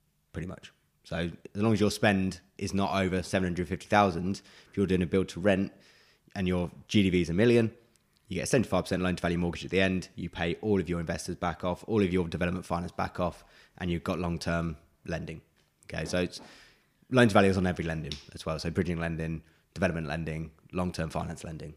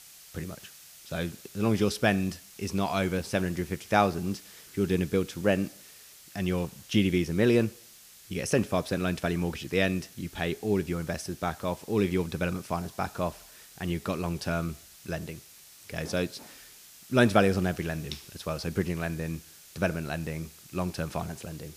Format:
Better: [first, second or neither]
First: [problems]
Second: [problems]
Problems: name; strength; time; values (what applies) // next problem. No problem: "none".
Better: first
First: none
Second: hiss; noticeable; throughout; 20 dB below the speech